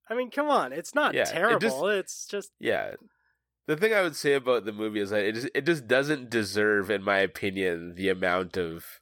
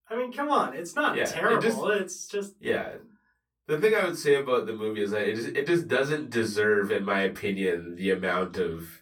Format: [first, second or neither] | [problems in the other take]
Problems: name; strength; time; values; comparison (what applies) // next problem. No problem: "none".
first | off-mic speech; far // room echo; very slight; dies away in 0.2 s